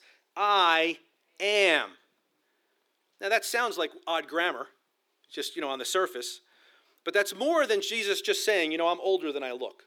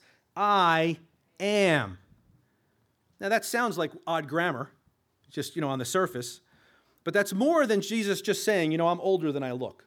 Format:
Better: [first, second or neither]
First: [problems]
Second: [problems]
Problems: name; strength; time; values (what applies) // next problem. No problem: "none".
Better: second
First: thin; somewhat; fading below 350 Hz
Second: none